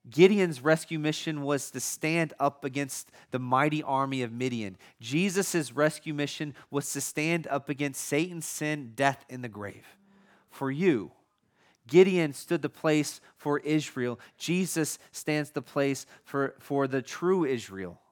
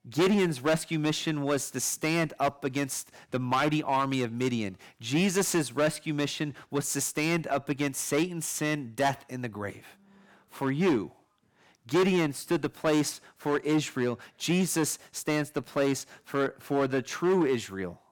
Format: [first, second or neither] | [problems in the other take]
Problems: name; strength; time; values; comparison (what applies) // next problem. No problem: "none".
first | distortion; heavy; 6% of the sound clipped